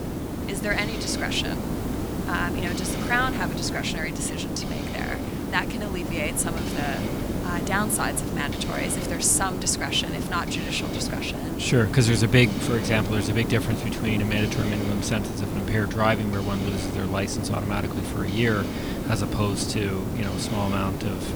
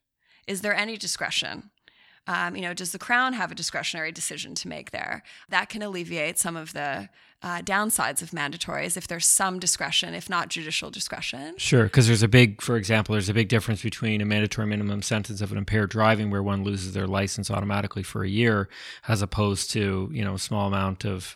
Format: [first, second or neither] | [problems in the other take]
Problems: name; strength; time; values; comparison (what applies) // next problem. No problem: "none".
second | hiss; loud; throughout; 3 dB below the speech